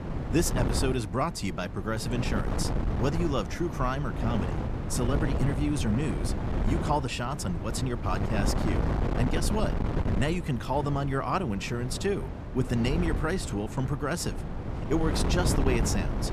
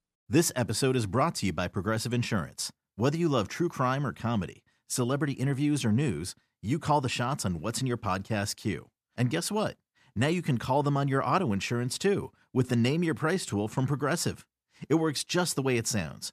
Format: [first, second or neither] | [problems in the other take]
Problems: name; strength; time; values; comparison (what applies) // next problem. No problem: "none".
second | wind noise on the microphone; heavy; 5 dB below the speech